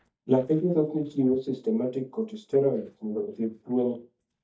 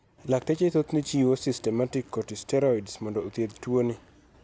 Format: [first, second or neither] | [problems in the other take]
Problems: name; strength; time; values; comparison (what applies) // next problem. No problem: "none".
second | noise reduction (neural mask model DeepFilterNet 3)